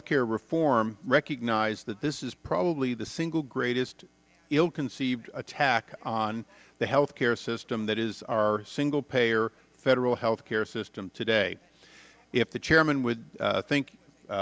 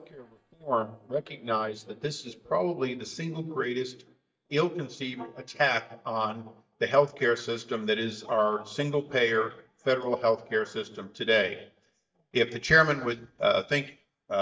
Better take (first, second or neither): first